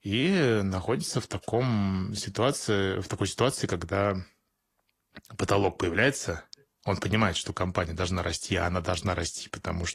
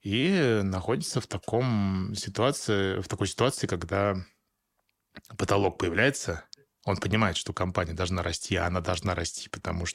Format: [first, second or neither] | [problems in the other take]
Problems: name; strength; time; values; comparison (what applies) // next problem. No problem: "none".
second | garbled, watery; slightly